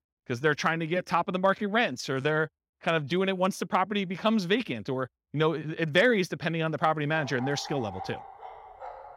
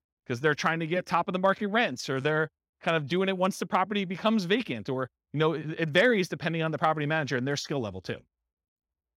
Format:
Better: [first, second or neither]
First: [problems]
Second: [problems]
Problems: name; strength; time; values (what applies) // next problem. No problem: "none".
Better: second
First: dog barking; faint; from 7 s on; peak 10 dB below the speech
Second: none